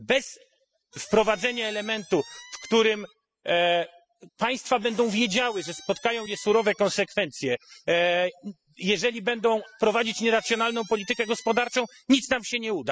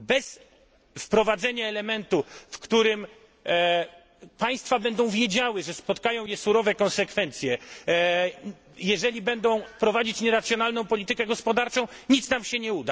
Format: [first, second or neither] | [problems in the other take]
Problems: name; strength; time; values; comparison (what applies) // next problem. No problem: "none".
second | noise reduction (classical method spectral subtraction)